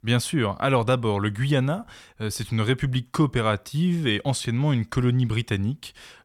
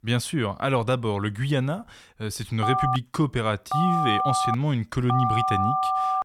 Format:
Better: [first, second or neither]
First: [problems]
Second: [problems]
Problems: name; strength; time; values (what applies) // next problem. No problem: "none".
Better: first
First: none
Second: phone ringing; loud; from 2.5 s on; peak 3 dB above the speech